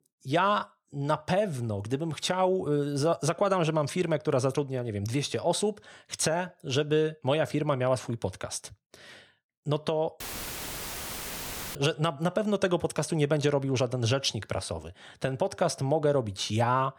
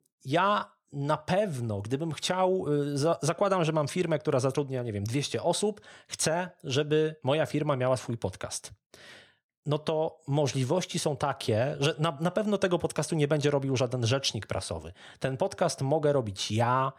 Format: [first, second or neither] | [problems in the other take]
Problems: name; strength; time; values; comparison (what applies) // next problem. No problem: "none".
second | audio cutting out; filled with static; at 10 s for 1.5 s